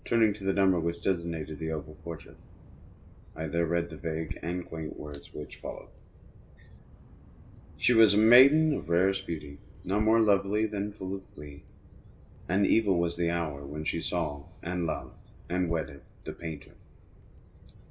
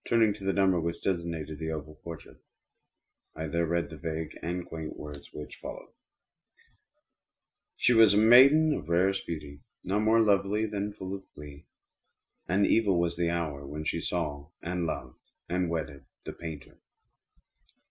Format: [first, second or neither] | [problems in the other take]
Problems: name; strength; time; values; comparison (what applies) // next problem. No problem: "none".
second | background sound (Bird vocalization, bird call, bird song); 17 dB below the speech // room echo; dies away in 1.1 s